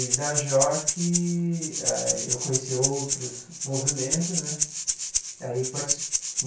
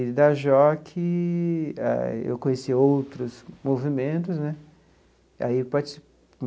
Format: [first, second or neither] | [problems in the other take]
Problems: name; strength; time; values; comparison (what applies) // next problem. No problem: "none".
second | background sound (Rattle (instrument)); 1 dB above the speech // room echo; dies away in 0.3 s